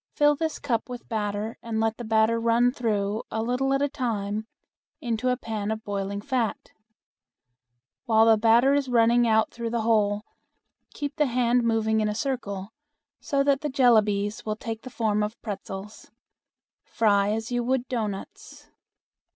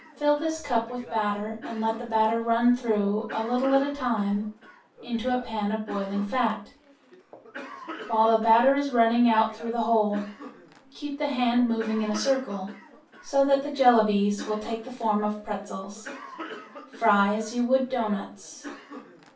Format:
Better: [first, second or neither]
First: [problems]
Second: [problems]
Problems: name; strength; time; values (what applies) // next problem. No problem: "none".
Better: first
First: none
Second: background sound (Cough); 18 dB below the speech // room echo; dies away in 0.3 s